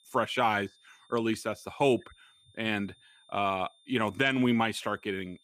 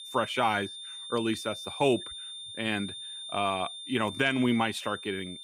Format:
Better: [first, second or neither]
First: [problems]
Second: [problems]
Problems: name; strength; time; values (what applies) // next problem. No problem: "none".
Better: first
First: high-pitched whine; faint; throughout; 3.5 kHz, 30 dB below the speech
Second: high-pitched whine; loud; throughout; 3.5 kHz, 9 dB below the speech